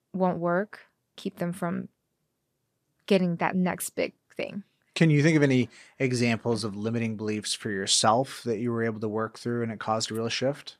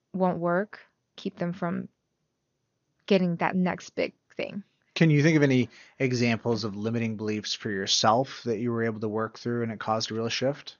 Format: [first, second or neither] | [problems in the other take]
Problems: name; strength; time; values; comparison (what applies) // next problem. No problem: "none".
first | garbled, watery; slightly; nothing above 6.5 kHz